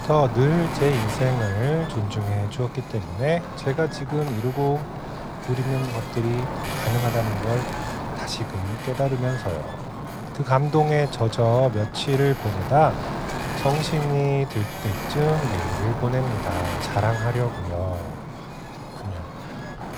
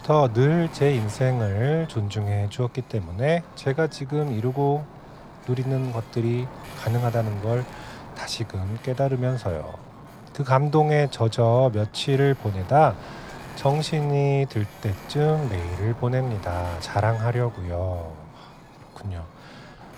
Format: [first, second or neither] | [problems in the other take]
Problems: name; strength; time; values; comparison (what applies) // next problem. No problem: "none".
second | wind noise on the microphone; heavy; 6 dB below the speech; occasional gusts in the second